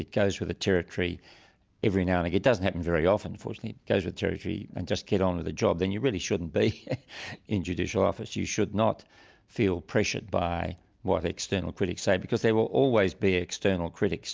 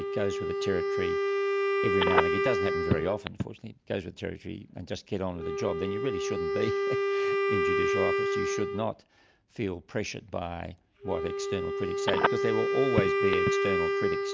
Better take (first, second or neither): first